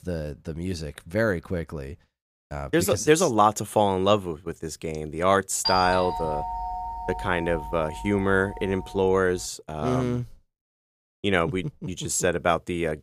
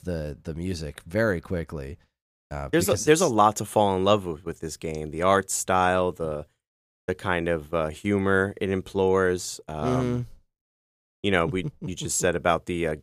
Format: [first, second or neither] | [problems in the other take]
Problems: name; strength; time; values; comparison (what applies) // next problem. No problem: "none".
second | doorbell; noticeable; from 5.5 to 9 s; peak 1 dB below the speech